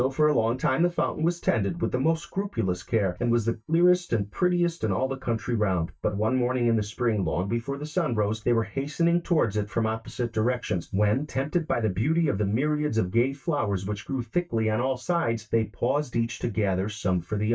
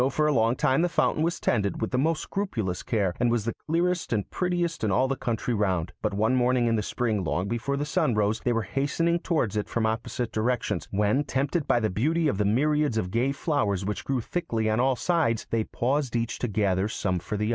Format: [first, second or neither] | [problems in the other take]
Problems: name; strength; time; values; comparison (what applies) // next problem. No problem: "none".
second | noise reduction (neural mask model DeepFilterNet 3)